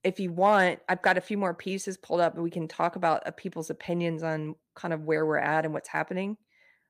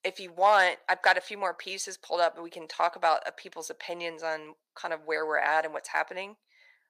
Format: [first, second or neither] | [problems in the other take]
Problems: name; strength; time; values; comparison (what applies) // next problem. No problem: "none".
first | thin; very; fading below 750 Hz